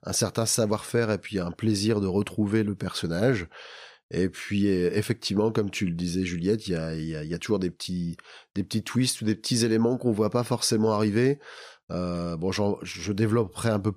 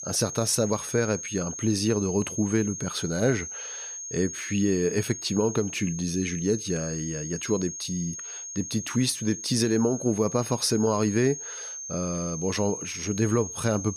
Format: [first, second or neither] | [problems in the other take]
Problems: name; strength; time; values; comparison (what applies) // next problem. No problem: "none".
first | high-pitched whine; loud; throughout; 6.5 kHz, 8 dB below the speech